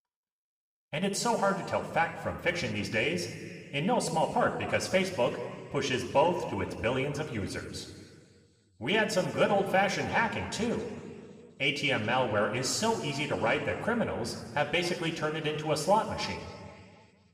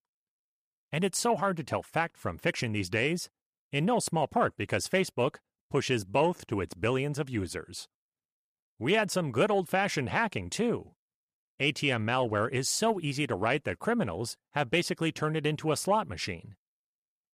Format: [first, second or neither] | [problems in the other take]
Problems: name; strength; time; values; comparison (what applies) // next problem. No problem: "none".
second | room echo; slight; dies away in 1.9 s // off-mic speech; somewhat distant